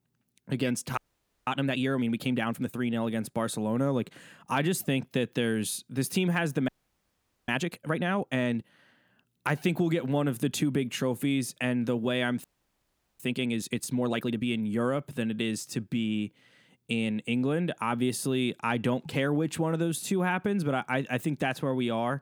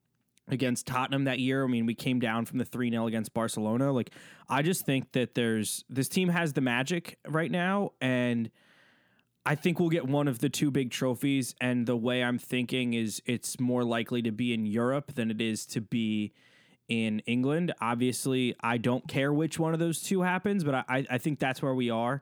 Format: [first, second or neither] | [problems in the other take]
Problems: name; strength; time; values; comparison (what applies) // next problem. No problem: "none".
second | audio freezing; at 1 s for 0.5 s, at 6.5 s for 1 s and at 12 s for 1 s